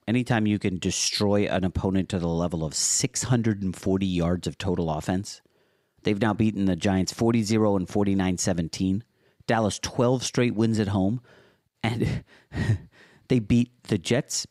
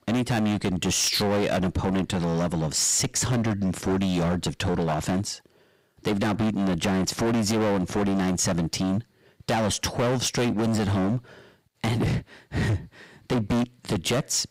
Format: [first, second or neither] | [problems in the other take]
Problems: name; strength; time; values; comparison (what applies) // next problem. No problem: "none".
first | distortion; heavy; 25% of the sound clipped